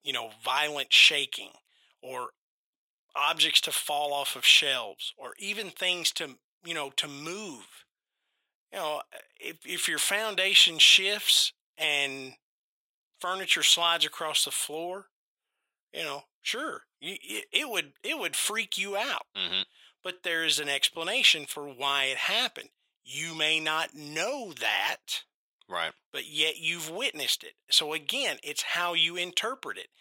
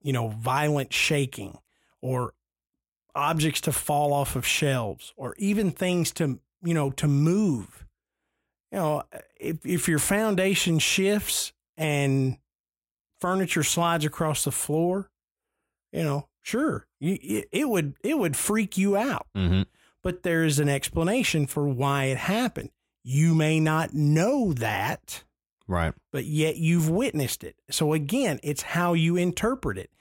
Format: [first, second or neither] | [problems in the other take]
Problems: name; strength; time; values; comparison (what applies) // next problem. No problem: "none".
second | thin; very; fading below 600 Hz